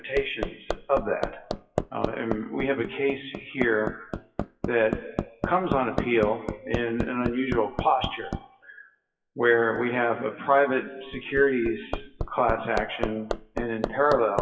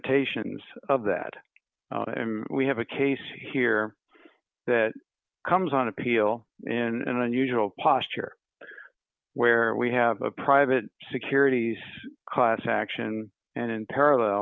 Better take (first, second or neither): second